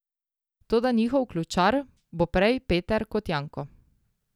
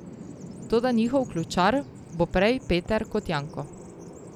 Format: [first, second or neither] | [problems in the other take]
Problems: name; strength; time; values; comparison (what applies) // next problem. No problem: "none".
first | background sound (Bird vocalization, bird call, bird song); 15 dB below the speech